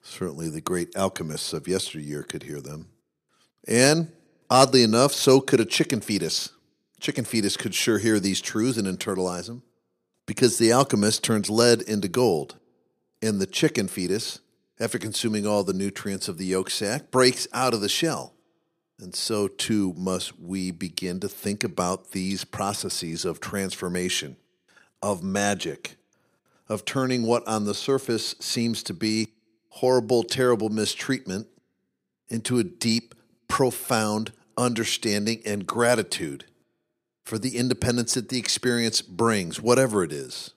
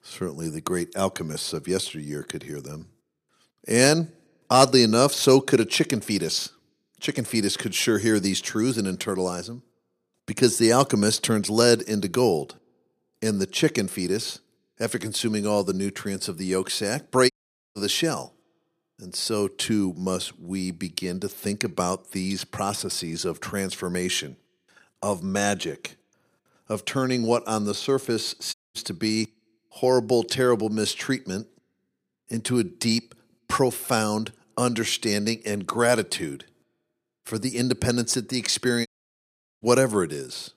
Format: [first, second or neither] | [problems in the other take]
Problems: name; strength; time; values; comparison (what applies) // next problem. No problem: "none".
first | audio cutting out; at 17 s, at 29 s and at 39 s for 1 s